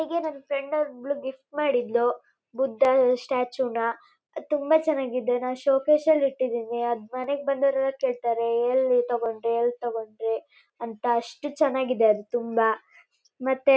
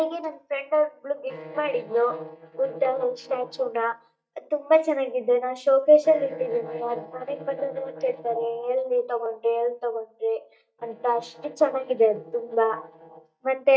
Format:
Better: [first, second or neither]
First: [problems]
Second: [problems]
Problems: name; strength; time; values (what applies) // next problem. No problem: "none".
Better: first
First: none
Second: noise reduction (neural mask model DeepFilterNet 3)